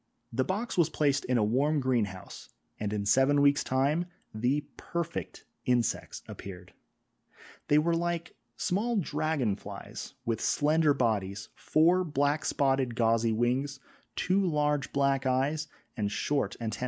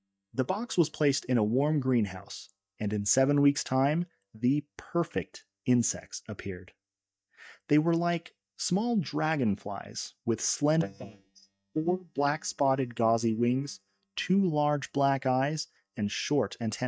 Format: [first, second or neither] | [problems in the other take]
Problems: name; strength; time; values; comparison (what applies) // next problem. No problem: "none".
first | noise reduction (neural mask model DeepFilterNet 3)